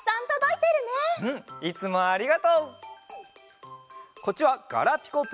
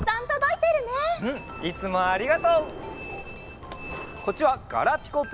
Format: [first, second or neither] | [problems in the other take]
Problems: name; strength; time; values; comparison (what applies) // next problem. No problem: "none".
first | background sound (Walk, footsteps + Train); 13 dB below the speech